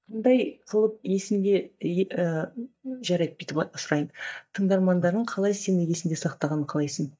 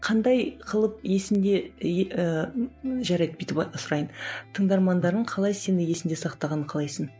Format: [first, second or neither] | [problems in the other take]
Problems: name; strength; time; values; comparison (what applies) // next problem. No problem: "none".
second | noise reduction (neural mask model DeepFilterNet 3)